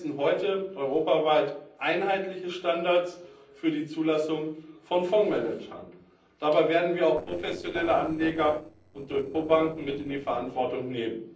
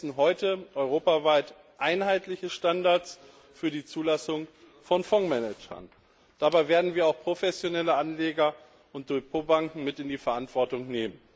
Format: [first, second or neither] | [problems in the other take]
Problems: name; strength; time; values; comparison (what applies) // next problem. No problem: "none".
second | noise reduction (neural separator model SepFormer DNS4)